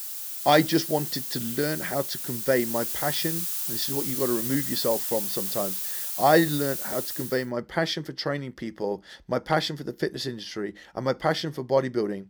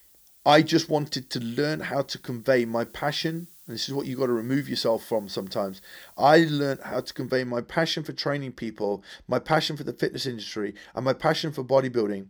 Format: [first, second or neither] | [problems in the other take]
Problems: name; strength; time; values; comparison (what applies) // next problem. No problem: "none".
second | hiss; loud; until 7.5 s; 1 dB below the speech; faint in the second